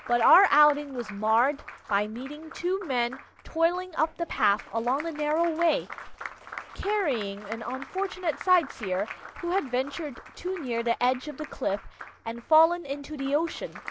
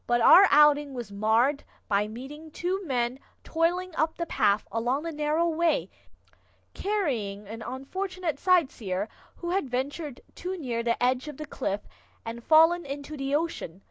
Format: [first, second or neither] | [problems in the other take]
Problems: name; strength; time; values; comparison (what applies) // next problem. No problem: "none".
second | background sound (Applause); 16 dB below the speech